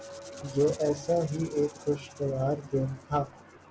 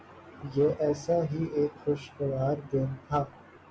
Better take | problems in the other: second | background sound (Chink, clink + Rattle (instrument)); 19 dB below the speech

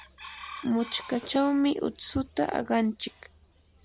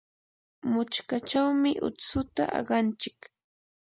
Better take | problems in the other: second | background sound (Chicken, rooster); 19 dB below the speech

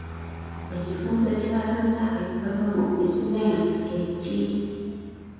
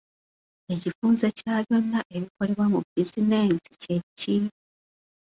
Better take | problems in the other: second | background sound (Aircraft); 13 dB below the speech // room echo; dies away in 2.2 s

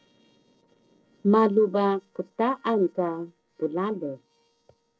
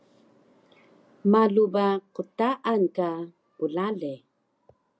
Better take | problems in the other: second | noise reduction (neural separator model SepFormer DNS4)

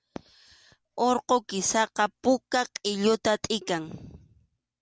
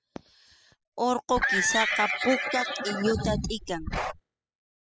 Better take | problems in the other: first | noise reduction (classical method spectral subtraction)

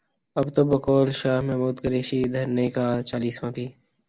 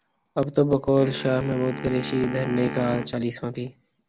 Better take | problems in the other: first | background sound (Wind instrument, woodwind instrument); 12 dB below the speech

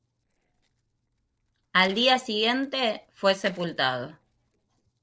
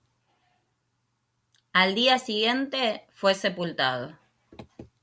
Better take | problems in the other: second | noise reduction (neural separator model SepFormer DNS4)

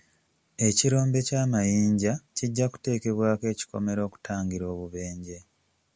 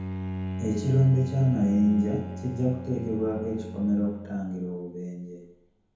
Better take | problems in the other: first | background sound (Bowed string instrument); 10 dB below the speech // room echo; dies away in 2 s

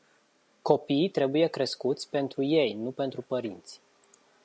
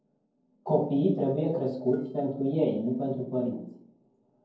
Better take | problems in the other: first | noise reduction (neural separator model SepFormer DNS4)

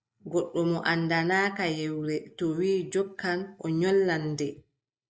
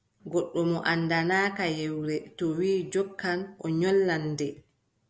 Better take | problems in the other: second | noise reduction (neural mask model Resemble Enhance denoiser)

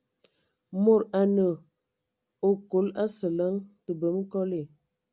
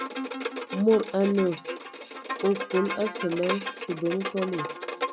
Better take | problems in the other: first | background sound (Bowed string instrument); 6 dB below the speech

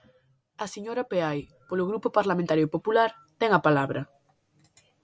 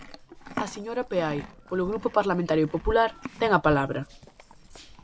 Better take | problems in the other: first | background sound (Livestock, farm animals, working animals); 13 dB below the speech

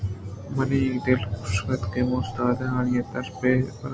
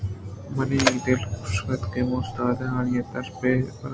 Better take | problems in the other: first | background sound (Mechanisms); 9 dB below the speech

